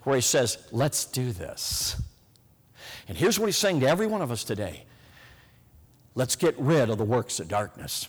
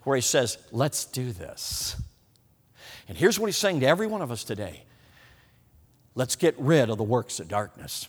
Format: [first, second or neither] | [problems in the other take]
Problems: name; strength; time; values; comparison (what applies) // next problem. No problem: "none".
second | distortion; slight; 10 dB below the speech